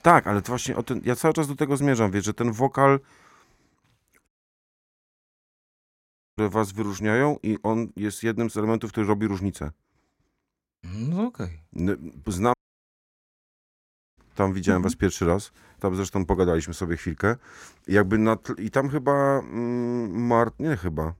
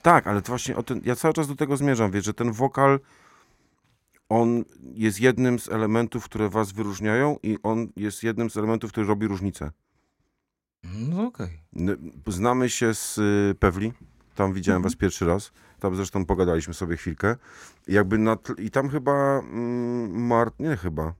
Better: second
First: audio cutting out; at 4.5 s for 2 s and at 13 s for 1.5 s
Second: none

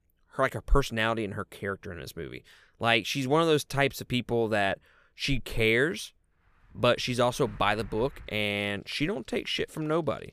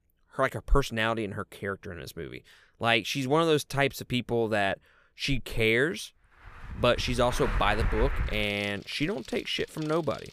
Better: first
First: traffic noise; faint; from 7 s on; 25 dB below the speech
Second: traffic noise; loud; from 7 s on; 7 dB below the speech

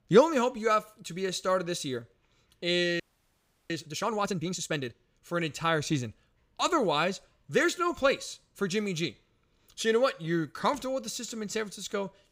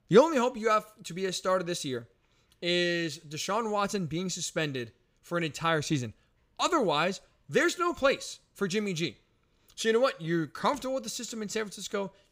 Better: second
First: audio freezing; at 3 s for 0.5 s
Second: none

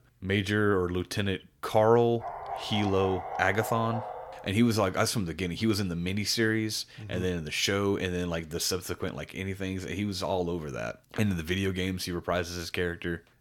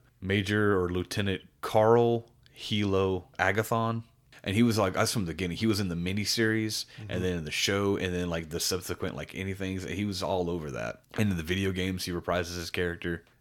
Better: second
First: dog barking; noticeable; from 2 to 4.5 s; peak 7 dB below the speech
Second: none

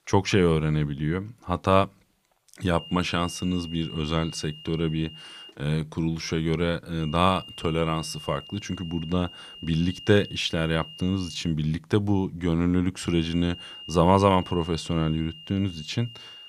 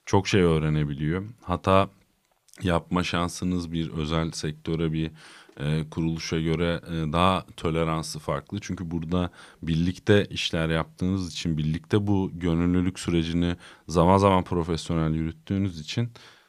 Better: second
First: high-pitched whine; noticeable; from 3 to 5.5 s, from 7 to 12 s and from 13 s on; 3 kHz, 15 dB below the speech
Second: none

